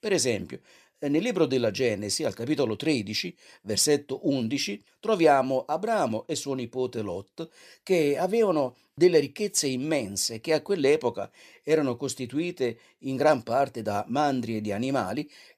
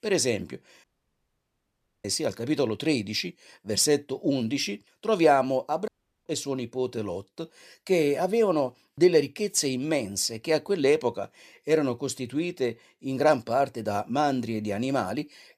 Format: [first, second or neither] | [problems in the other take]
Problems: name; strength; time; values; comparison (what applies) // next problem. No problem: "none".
first | audio cutting out; at 1 s for 1 s and at 6 s